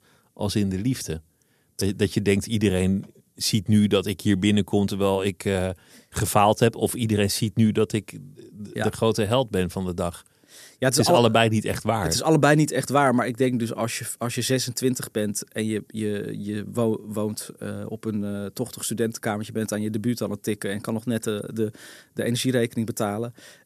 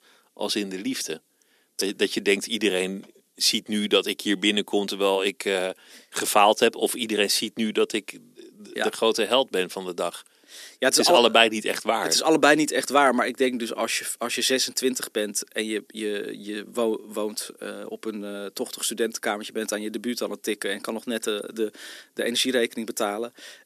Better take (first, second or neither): first